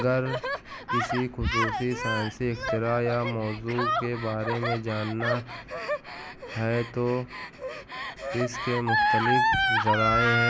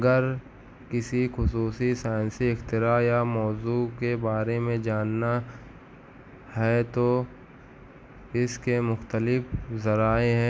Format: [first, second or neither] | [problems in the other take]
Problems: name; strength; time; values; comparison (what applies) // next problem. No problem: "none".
second | background sound (Gasp); as loud as the speech